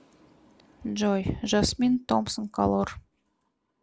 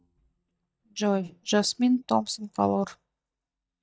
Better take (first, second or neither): first